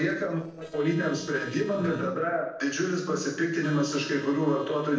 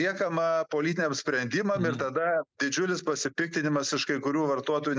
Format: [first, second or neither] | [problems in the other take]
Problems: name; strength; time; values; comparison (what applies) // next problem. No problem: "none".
second | noise reduction (neural separator model SepFormer DNS4)